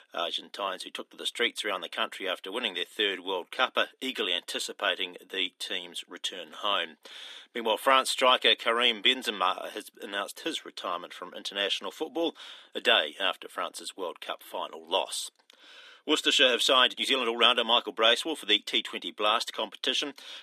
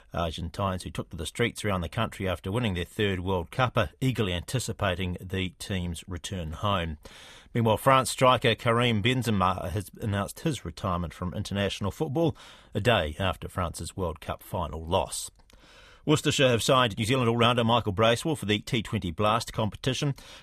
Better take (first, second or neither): second